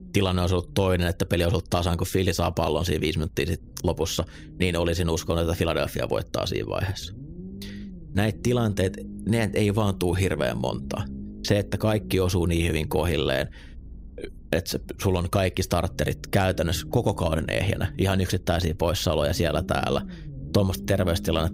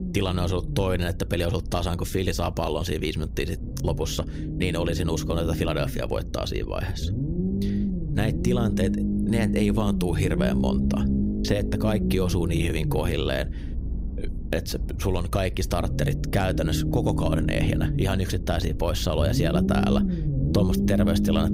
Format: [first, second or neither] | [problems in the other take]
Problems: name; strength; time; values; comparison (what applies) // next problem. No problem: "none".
first | low rumble; loud; throughout; 5 dB below the speech; faint in the first